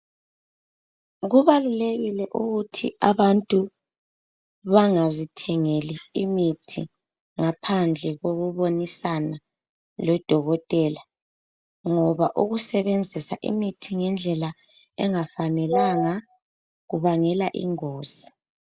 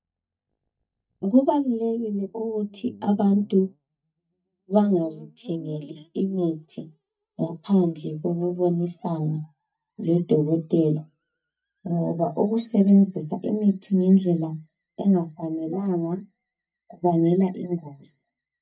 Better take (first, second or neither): first